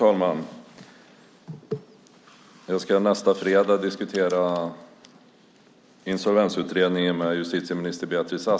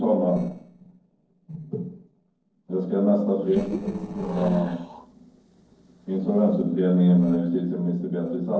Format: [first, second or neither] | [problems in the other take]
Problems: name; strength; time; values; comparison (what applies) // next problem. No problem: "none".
first | noise reduction (neural separator model SepFormer DNS4)